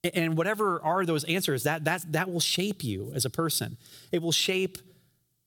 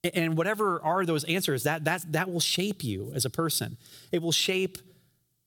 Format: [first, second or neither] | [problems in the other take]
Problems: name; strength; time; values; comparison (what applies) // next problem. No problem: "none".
neither | none